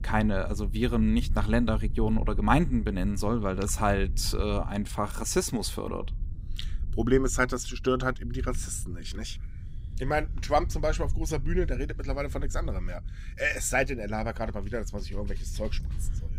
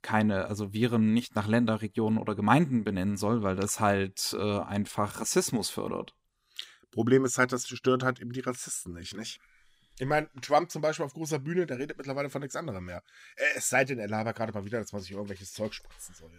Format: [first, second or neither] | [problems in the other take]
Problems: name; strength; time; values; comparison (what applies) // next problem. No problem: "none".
second | low rumble; faint; throughout; 25 dB below the speech